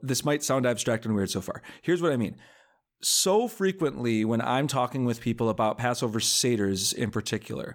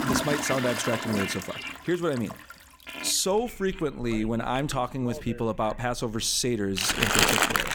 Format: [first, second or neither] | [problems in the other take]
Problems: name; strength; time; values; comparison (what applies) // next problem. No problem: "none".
first | household noises; very loud; throughout; 1 dB above the speech